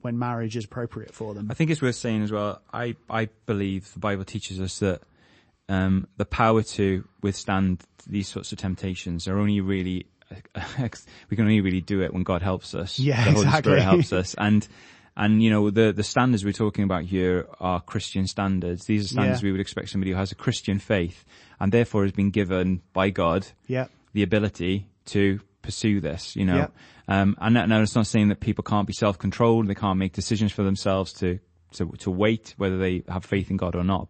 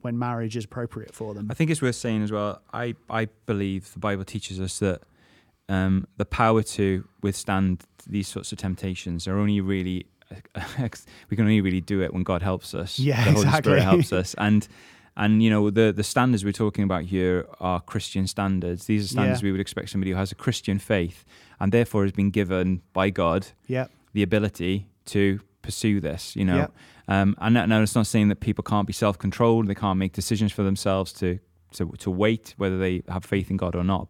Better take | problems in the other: second | garbled, watery; slightly; nothing above 8 kHz

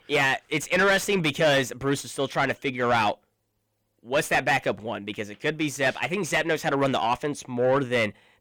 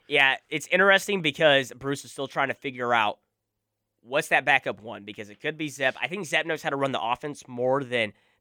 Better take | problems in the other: second | distortion; heavy; 6 dB below the speech

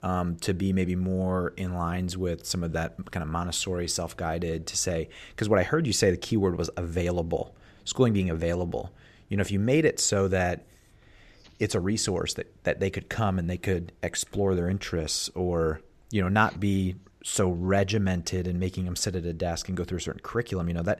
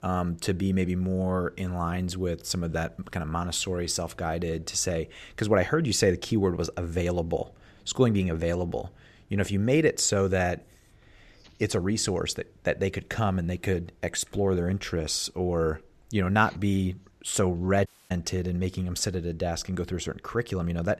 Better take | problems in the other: first | audio cutting out; at 18 s

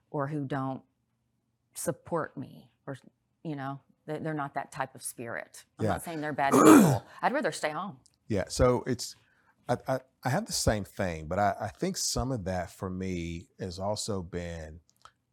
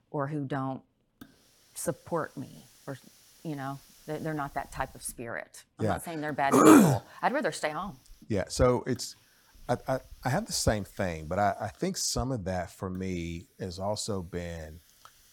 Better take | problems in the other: first | hiss; faint; throughout; 30 dB below the speech

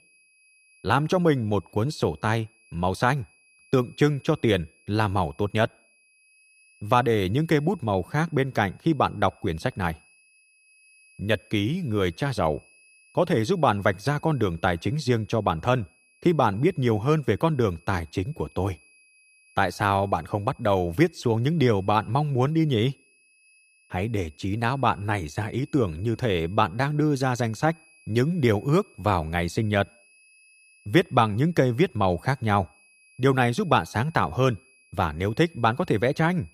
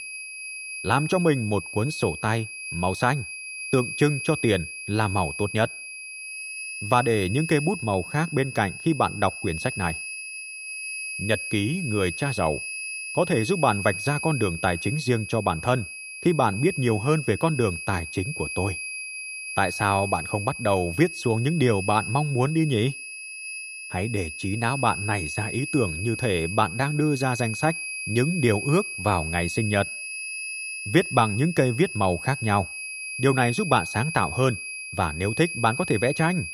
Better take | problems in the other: first | high-pitched whine; loud; throughout; 2.5 kHz, 7 dB below the speech; faint in the first

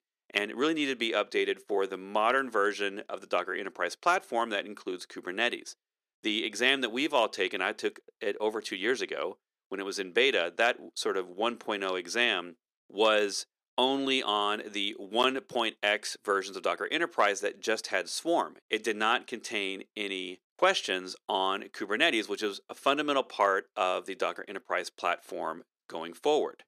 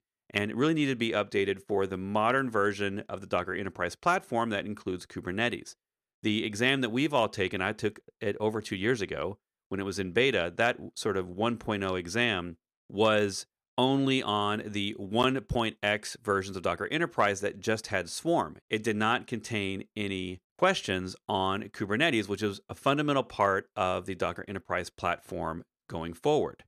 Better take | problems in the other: second | thin; somewhat; fading below 300 Hz

